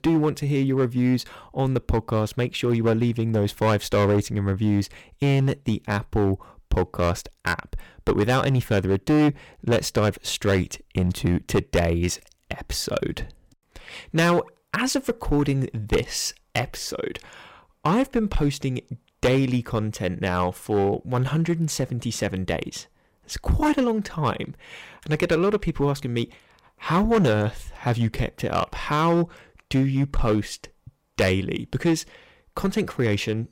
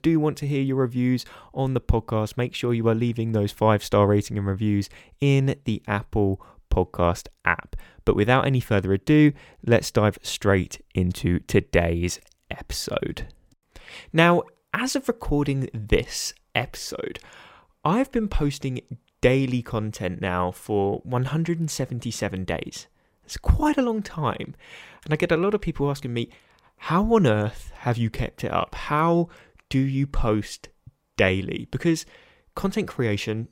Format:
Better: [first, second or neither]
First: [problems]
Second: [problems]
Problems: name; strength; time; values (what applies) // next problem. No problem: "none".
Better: second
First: distortion; slight; 6% of the sound clipped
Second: none